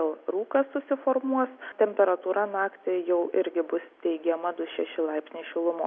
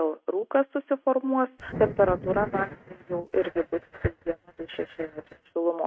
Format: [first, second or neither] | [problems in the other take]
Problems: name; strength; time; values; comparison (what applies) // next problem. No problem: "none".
first | noise reduction (neural mask model RNNoise)